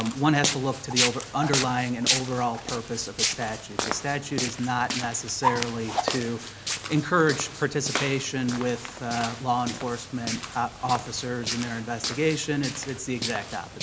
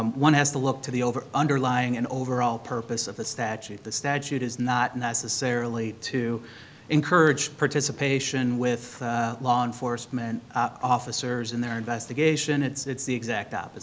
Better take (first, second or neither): second